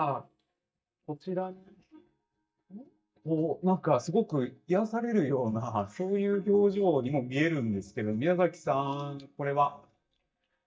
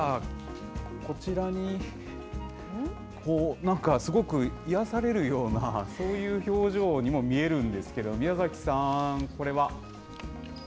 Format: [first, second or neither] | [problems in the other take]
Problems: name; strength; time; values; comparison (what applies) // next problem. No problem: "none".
second | noise reduction (neural mask model DeepFilterNet 3)